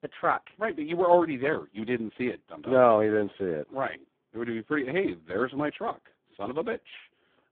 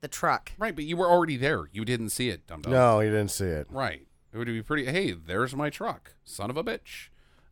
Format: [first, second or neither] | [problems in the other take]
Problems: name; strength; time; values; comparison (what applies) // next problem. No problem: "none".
second | phone-call audio; poor line; nothing above 3.5 kHz